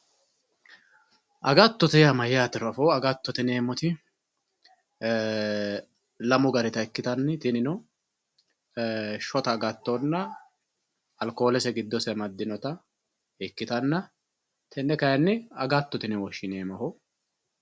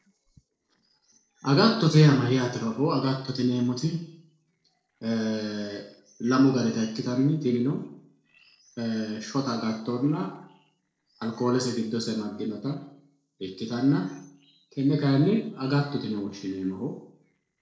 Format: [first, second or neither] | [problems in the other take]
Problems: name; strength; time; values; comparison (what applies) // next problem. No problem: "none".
first | noise reduction (neural separator model SepFormer DNS4)